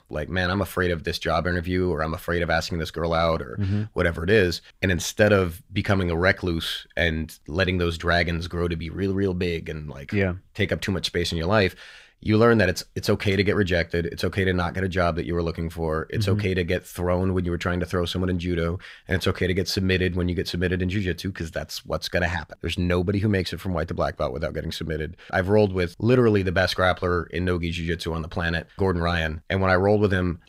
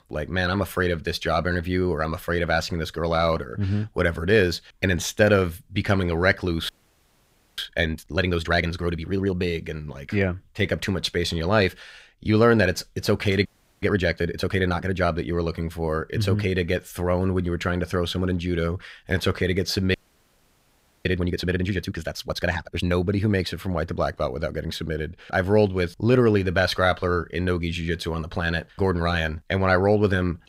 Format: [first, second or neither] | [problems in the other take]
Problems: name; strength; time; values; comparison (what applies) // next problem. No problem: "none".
first | audio freezing; at 6.5 s for 1 s, at 13 s and at 20 s for 1 s